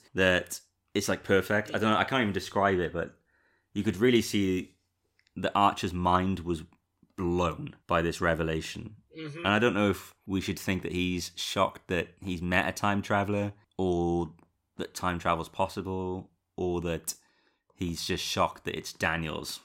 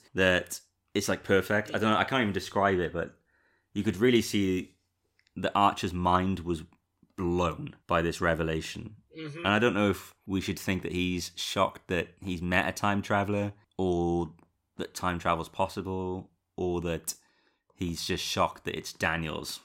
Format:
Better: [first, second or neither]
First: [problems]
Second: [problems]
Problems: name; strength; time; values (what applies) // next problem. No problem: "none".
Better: neither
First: none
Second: none